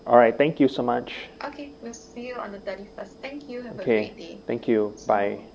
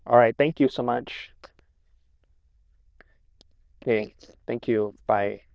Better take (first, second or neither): first